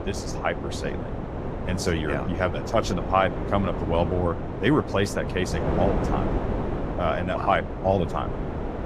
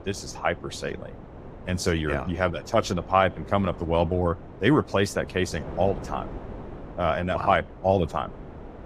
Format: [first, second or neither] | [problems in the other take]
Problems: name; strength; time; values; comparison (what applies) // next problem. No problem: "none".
second | wind noise on the microphone; heavy; 7 dB below the speech; occasional gusts in the second